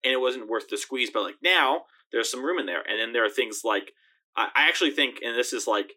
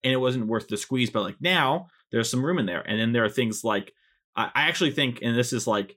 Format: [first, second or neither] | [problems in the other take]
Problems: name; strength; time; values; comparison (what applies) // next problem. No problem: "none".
second | thin; somewhat; fading below 300 Hz